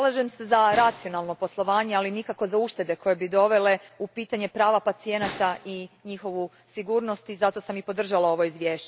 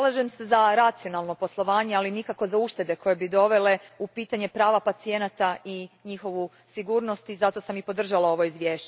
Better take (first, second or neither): second